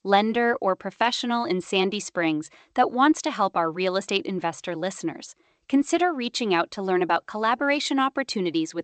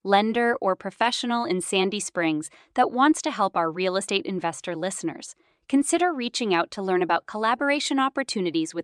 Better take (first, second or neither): second